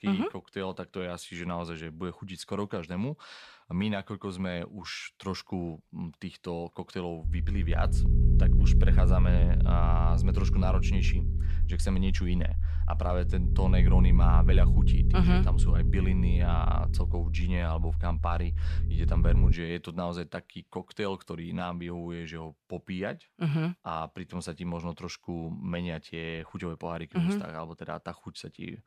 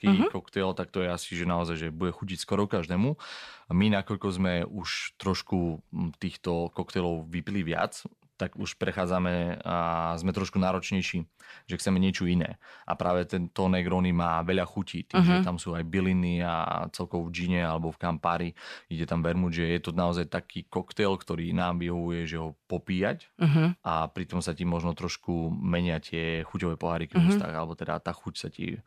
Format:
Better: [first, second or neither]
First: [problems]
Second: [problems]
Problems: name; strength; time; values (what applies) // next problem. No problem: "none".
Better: second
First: low rumble; loud; from 7 to 20 s; 6 dB below the speech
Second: none